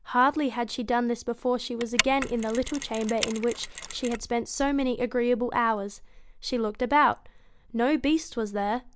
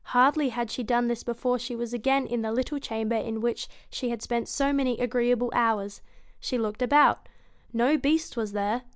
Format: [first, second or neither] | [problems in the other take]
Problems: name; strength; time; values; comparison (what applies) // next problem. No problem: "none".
second | background sound (Mechanisms); 8 dB below the speech